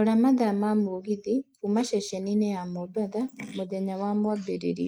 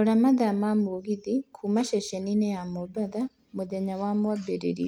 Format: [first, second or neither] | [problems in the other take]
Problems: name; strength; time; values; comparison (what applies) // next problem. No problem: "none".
second | noise reduction (neural mask model Resemble Enhance denoiser)